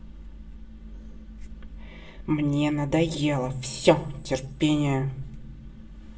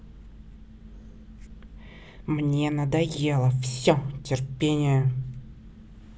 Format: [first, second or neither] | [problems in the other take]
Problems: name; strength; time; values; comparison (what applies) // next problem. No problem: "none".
second | room echo; dies away in 0.4 s